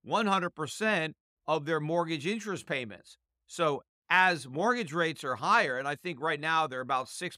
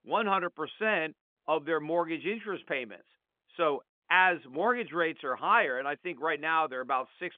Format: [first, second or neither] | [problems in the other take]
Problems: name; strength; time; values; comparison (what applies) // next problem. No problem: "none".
first | phone-call audio; nothing above 3.5 kHz